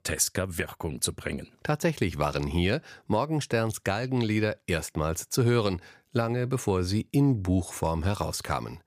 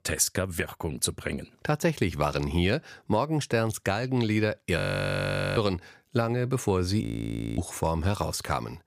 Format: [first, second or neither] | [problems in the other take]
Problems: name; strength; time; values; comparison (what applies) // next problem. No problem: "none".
first | audio freezing; at 5 s for 1 s and at 7 s for 0.5 s